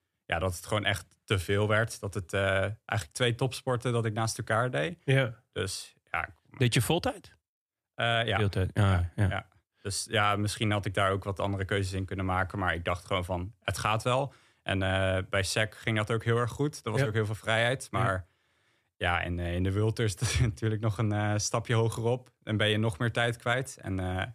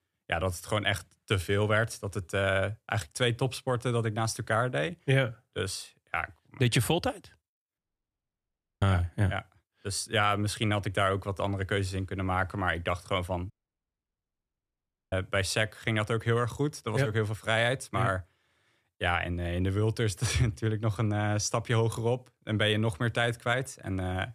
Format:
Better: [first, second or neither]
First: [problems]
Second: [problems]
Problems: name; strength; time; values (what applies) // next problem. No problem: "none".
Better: first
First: none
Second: audio cutting out; at 8 s for 1 s and at 14 s for 1.5 s